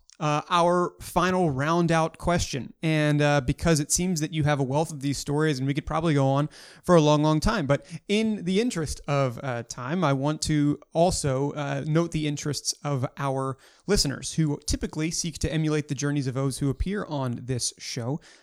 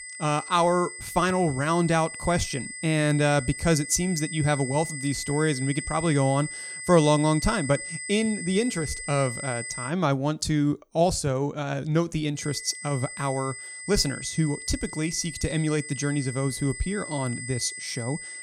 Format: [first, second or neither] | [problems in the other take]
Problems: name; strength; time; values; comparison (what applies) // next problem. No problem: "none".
first | high-pitched whine; loud; until 10 s and from 12 s on; 2 kHz, 9 dB below the speech